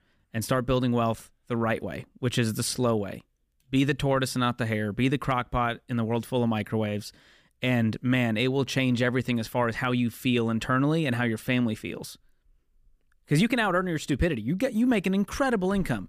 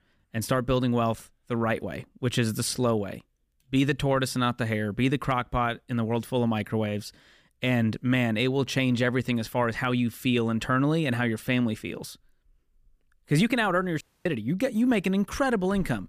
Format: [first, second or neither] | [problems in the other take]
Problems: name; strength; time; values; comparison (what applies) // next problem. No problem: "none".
first | audio cutting out; at 14 s